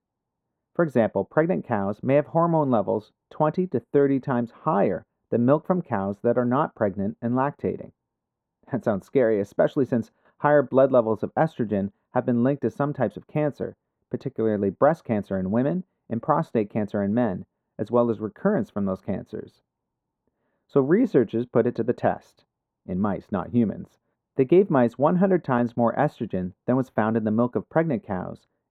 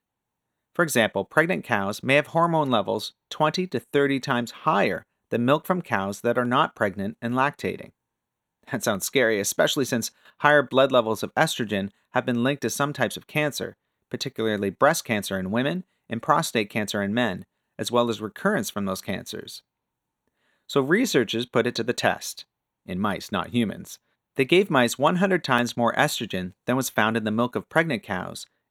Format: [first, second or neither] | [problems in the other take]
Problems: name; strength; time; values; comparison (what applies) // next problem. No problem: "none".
second | muffled; very; fading above 2 kHz